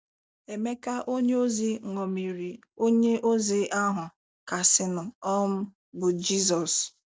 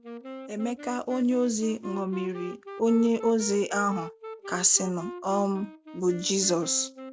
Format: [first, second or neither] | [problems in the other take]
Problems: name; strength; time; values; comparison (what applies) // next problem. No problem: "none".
first | background sound (Wind instrument, woodwind instrument); 13 dB below the speech